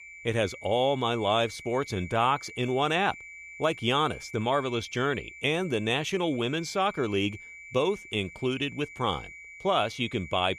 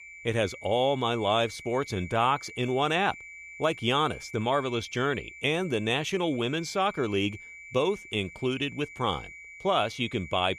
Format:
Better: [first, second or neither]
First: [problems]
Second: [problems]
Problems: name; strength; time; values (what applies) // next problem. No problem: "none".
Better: neither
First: high-pitched whine; noticeable; throughout; 2.5 kHz, 15 dB below the speech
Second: high-pitched whine; noticeable; throughout; 2.5 kHz, 15 dB below the speech